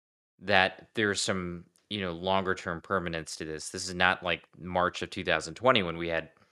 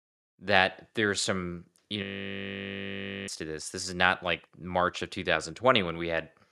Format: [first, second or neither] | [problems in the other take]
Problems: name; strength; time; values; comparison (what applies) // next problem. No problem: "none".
first | audio freezing; at 2 s for 1.5 s